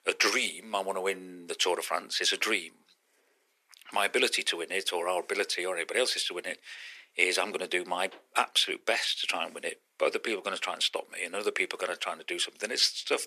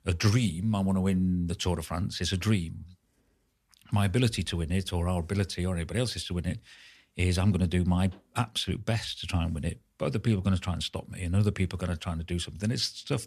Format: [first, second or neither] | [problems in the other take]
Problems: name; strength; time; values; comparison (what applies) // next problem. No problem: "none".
second | thin; very; fading below 350 Hz